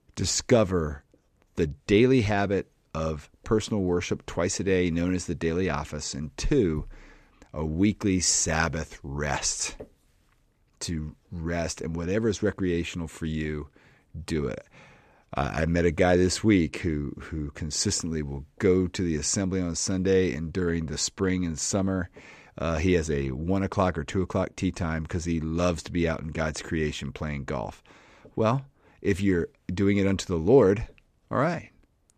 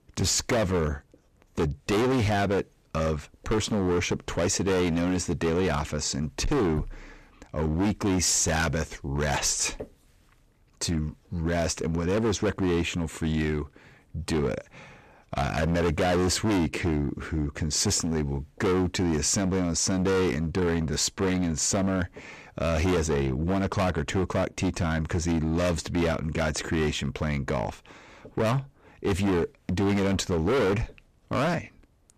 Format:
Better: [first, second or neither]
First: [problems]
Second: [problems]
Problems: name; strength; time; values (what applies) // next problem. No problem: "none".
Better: first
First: none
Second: distortion; heavy; 18% of the sound clipped